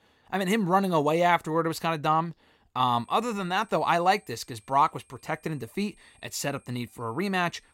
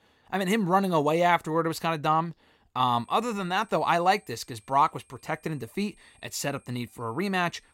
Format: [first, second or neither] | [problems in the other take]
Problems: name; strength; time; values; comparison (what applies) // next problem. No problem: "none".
neither | high-pitched whine; faint; from 3 s on; 8.5 kHz, 35 dB below the speech; the same in both